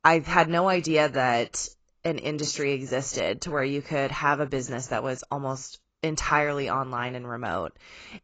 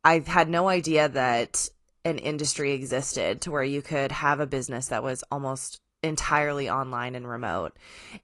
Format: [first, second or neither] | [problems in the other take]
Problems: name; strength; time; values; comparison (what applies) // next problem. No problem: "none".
second | garbled, watery; badly; nothing above 7.5 kHz; slightly in the second